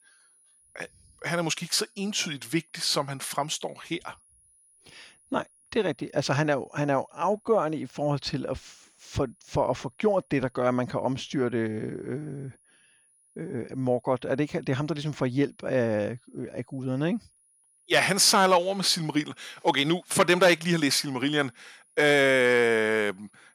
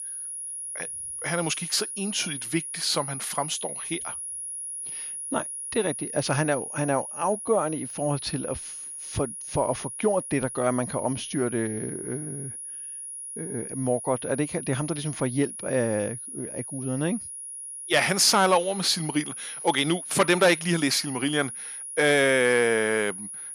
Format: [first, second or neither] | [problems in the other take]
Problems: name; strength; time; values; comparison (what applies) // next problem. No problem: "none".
first | high-pitched whine; loud; throughout; 10.5 kHz, 8 dB below the speech; faint in the first